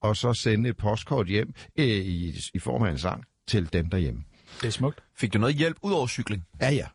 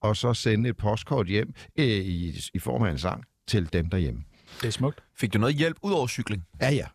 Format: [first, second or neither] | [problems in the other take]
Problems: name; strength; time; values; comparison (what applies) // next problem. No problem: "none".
second | garbled, watery; slightly; nothing above 10.5 kHz